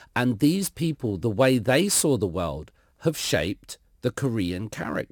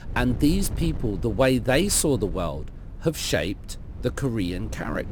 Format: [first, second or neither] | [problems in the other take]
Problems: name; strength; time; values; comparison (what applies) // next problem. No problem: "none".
first | wind noise on the microphone; occasional gusts; 20 dB below the speech